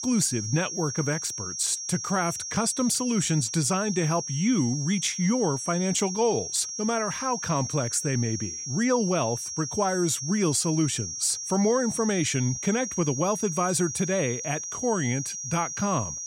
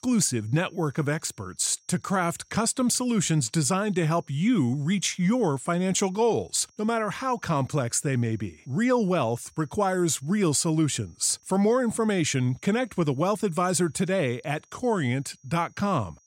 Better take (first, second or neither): second